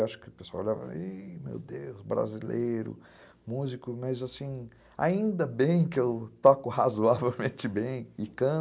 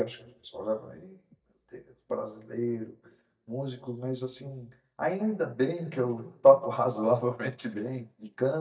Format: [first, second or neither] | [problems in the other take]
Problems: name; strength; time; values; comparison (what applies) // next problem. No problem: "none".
first | noise reduction (neural mask model DeepFilterNet 3)